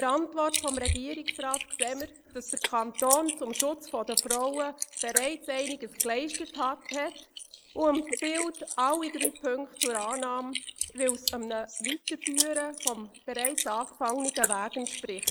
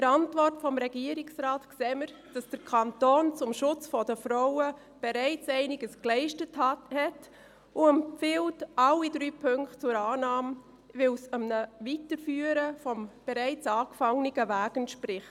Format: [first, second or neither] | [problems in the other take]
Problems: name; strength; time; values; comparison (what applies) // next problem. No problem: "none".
second | noise reduction (neural mask model Resemble Enhance denoiser)